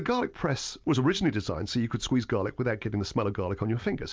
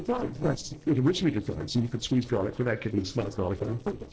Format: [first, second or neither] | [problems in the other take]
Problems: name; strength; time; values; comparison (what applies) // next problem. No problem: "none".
first | noise reduction (neural separator model SepFormer DNS4)